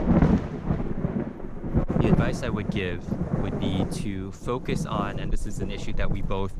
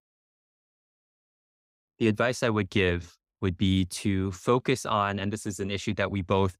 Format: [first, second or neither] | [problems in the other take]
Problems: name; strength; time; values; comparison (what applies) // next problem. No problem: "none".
second | wind noise on the microphone; heavy; as loud as the speech